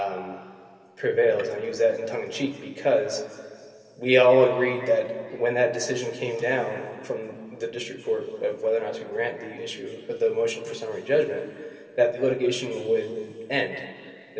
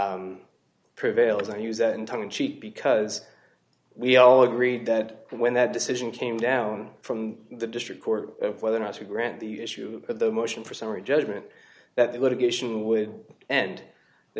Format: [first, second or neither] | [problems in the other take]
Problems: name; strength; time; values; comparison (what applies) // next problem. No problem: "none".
second | room echo; dies away in 2.7 s